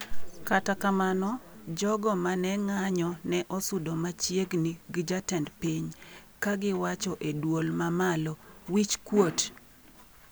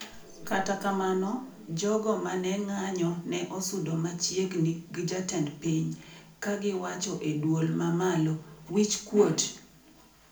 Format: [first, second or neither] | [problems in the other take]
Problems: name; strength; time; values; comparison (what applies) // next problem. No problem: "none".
first | room echo; dies away in 0.4 s